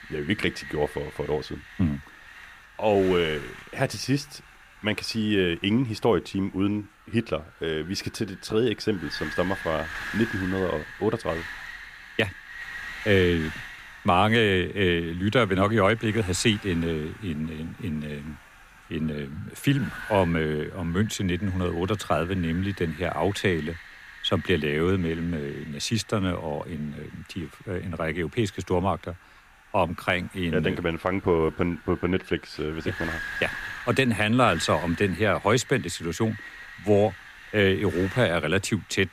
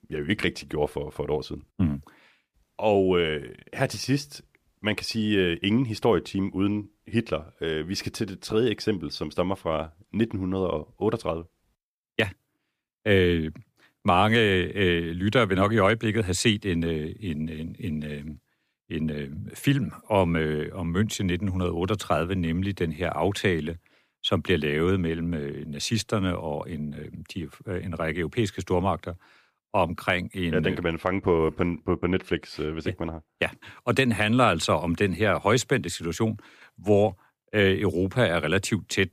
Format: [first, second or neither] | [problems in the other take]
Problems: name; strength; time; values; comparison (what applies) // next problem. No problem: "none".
second | wind noise on the microphone; occasional gusts; 10 dB below the speech